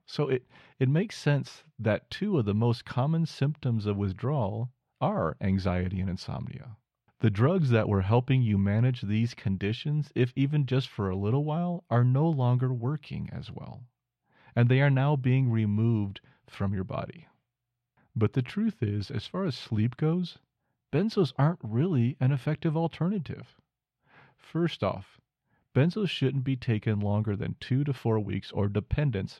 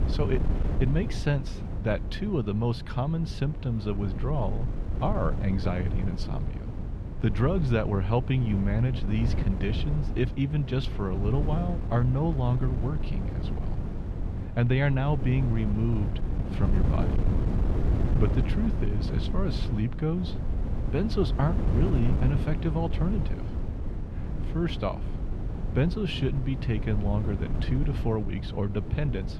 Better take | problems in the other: first | wind noise on the microphone; heavy; 7 dB below the speech

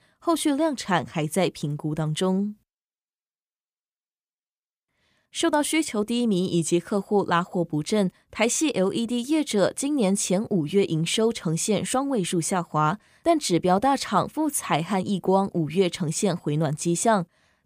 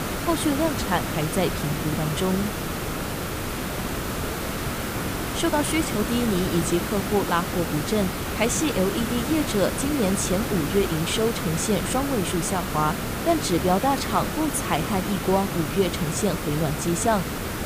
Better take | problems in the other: first | hiss; loud; throughout; 3 dB below the speech

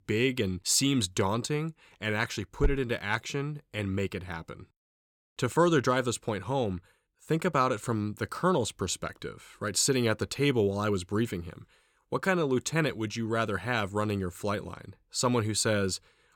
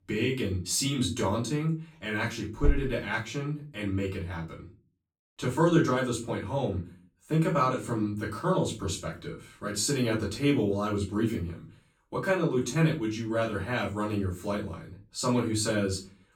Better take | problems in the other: first | off-mic speech; far // room echo; slight; dies away in 0.3 s

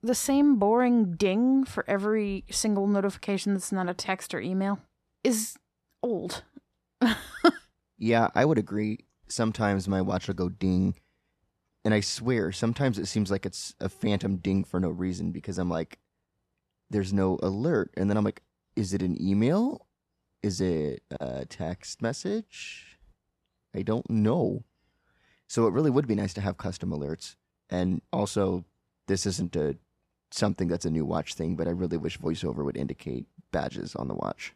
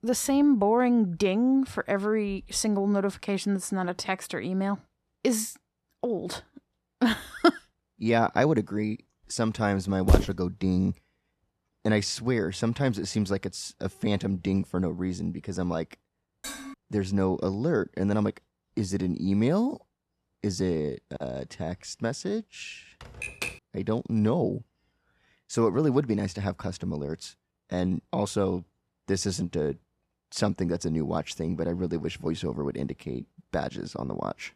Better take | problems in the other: first | footsteps; loud; at 10 s; peak 4 dB above the speech // clattering dishes; noticeable; at 16 s; peak 10 dB below the speech // keyboard typing; noticeable; at 23 s; peak 5 dB below the speech

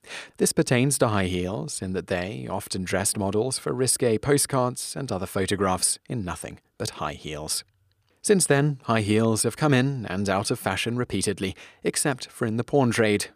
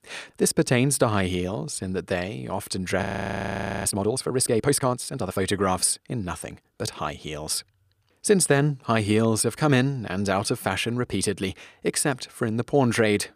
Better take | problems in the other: first | audio freezing; at 3 s for 1 s

